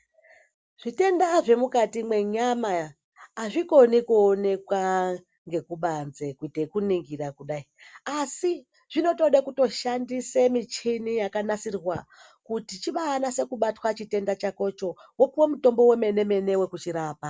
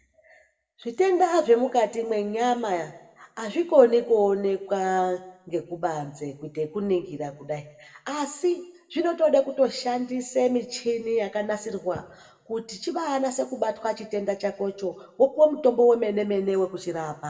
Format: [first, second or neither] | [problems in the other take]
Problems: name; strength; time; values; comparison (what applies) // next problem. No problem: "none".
first | room echo; dies away in 0.8 s